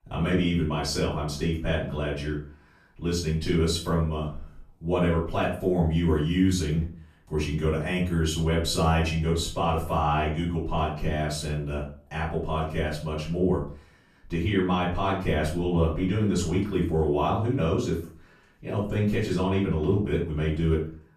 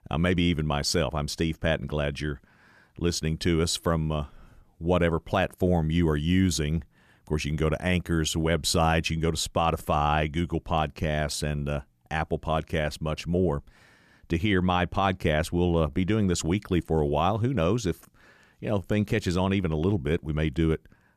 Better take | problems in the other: second | room echo; slight; dies away in 0.4 s // off-mic speech; far

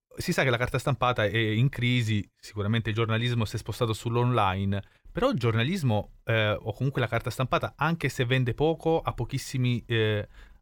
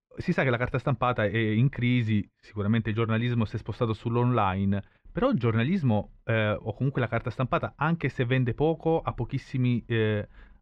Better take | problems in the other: first | muffled; slightly; fading above 2.5 kHz

